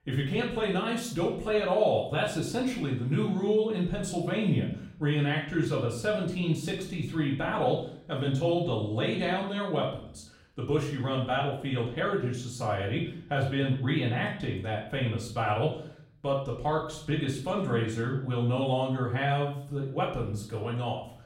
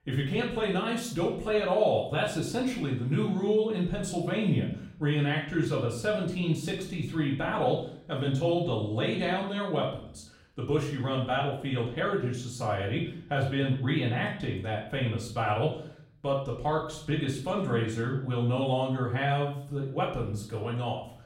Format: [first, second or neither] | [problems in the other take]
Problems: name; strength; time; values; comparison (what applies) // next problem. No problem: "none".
neither | off-mic speech; far; the same in both // room echo; noticeable; dies away in 0.5 s; the same in both